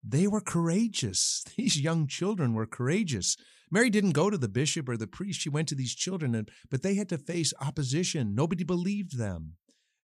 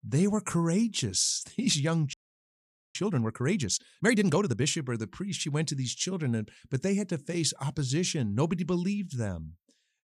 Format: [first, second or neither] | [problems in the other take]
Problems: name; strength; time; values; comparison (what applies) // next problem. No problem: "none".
first | audio freezing; at 2 s for 1 s